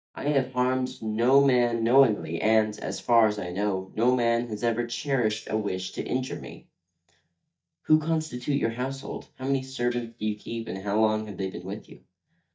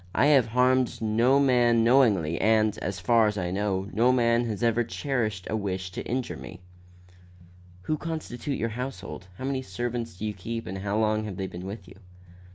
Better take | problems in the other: second | noise reduction (neural mask model DeepFilterNet 3)

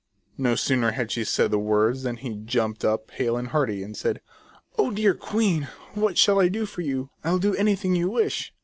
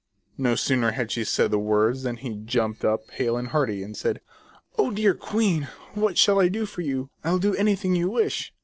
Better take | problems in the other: first | noise reduction (neural separator model SepFormer DNS4)

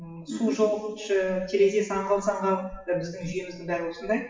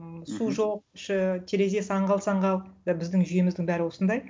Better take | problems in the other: second | noise reduction (classical method WPE with log-MMSE)

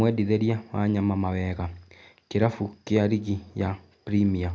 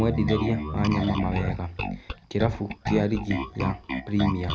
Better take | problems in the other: first | background sound (Bass guitar); 3 dB below the speech

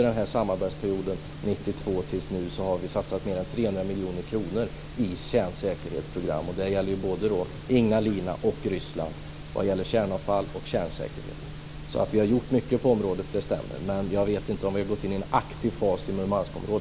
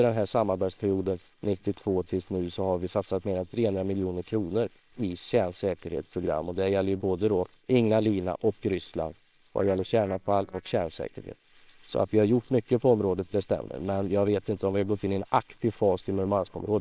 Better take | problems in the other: first | noise reduction (neural separator model SepFormer WHAMR!)

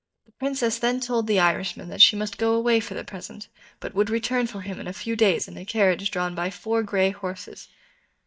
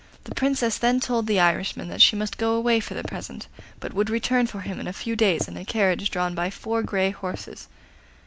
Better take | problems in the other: second | noise reduction (neural mask model DeepFilterNet 3)

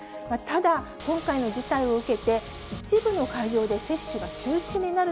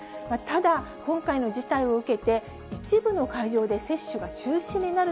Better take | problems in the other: second | background sound (Engine / Car); 16 dB below the speech

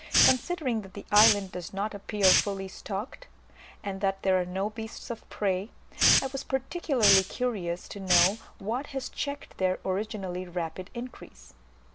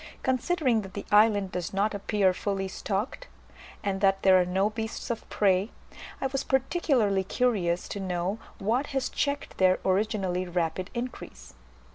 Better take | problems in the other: second | background sound (Hiss); 1 dB above the speech

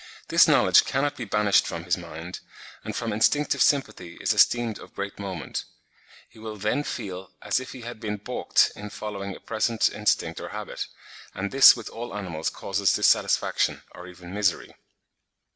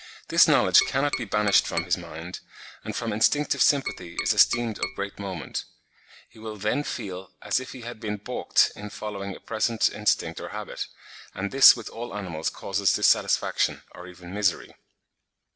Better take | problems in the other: first | background sound (Tap); 7 dB below the speech

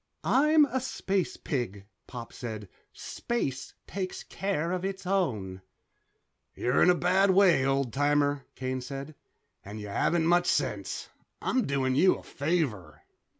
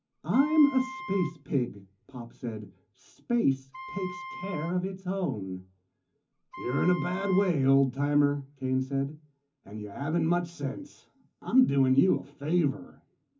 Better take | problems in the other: first | background sound (Wind instrument, woodwind instrument); 12 dB below the speech // room echo; dies away in 0.3 s

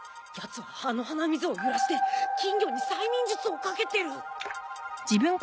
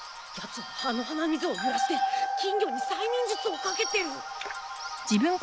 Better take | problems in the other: first | background sound (Bird / Bell); 12 dB below the speech

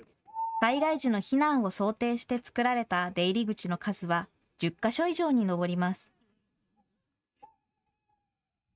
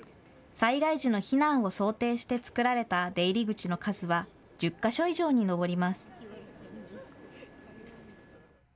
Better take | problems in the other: second | noise reduction (neural mask model RNNoise)

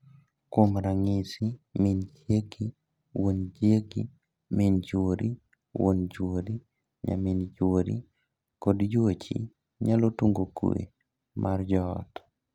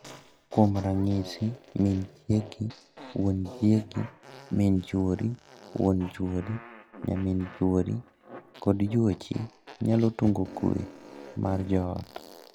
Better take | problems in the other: first | background sound (Fart); 19 dB below the speech

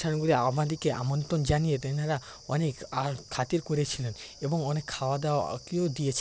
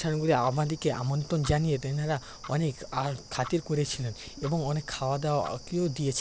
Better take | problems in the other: first | background sound (Tick-tock); 19 dB below the speech

